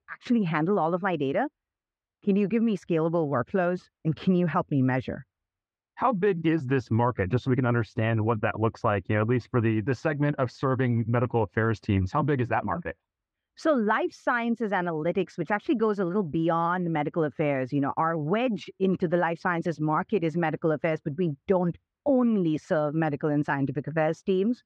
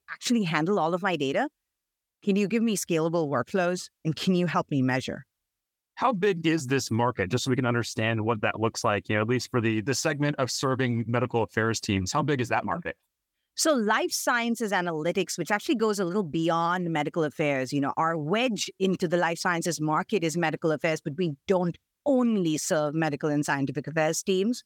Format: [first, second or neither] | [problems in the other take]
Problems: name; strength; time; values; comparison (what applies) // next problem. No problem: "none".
second | muffled; very; fading above 2 kHz